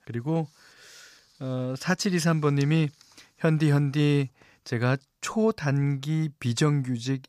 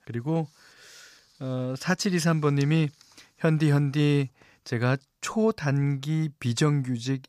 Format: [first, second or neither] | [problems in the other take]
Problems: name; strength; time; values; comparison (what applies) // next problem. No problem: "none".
neither | none